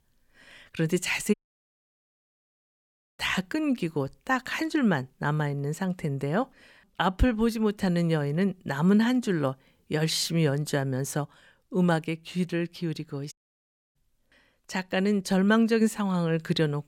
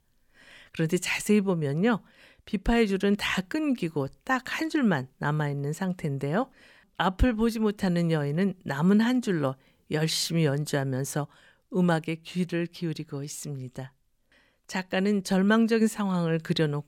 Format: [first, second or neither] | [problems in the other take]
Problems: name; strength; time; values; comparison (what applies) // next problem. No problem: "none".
second | audio cutting out; at 1.5 s for 2 s and at 13 s for 0.5 s